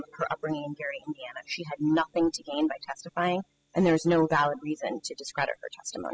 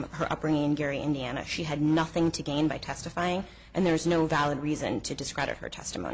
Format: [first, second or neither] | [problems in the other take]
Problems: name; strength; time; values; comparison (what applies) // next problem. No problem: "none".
second | noise reduction (classical method spectral subtraction)